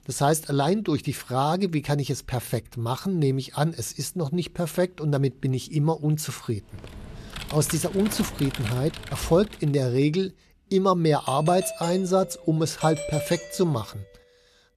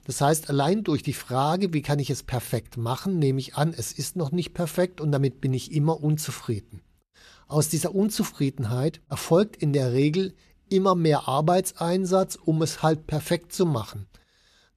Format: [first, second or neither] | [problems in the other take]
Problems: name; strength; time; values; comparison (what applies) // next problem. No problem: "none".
second | keyboard typing; noticeable; from 6.5 to 9.5 s; peak 9 dB below the speech // doorbell; noticeable; from 11 to 14 s; peak 6 dB below the speech